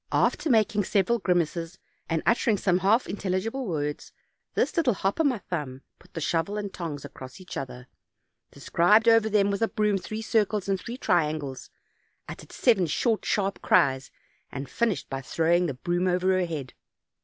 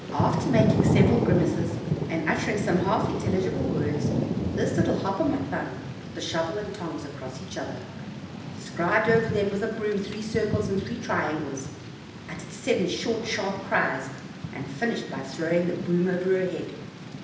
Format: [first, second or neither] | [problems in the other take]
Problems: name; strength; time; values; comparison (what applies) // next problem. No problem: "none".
first | background sound (Thunder / Rain); 2 dB below the speech // room echo; dies away in 0.9 s